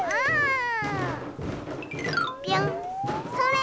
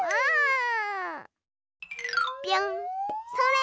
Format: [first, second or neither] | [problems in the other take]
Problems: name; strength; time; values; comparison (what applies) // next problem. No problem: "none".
second | background sound (Walk, footsteps); 6 dB below the speech